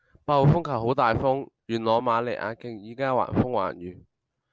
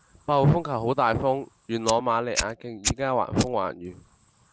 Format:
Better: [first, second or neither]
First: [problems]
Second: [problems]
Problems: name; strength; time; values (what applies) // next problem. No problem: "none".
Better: first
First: none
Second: background sound (Fire); 10 dB below the speech